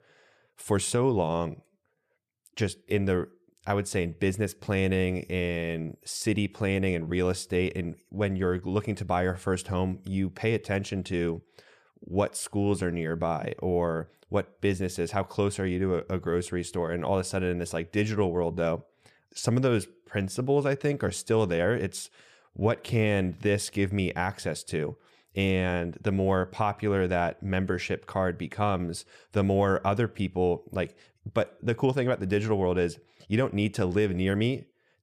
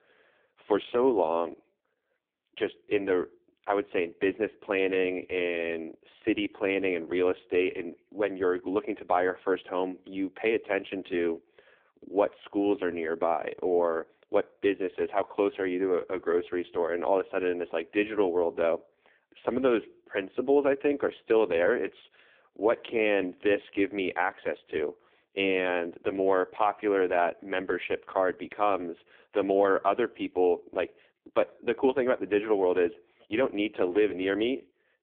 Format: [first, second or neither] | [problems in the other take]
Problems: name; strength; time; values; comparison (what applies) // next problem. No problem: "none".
first | phone-call audio; poor line; nothing above 3.5 kHz